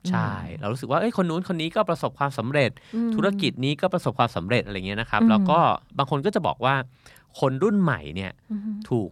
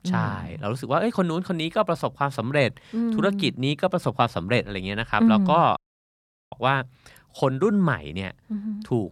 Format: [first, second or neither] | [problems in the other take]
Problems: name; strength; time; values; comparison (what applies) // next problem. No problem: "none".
first | audio cutting out; at 6 s for 1 s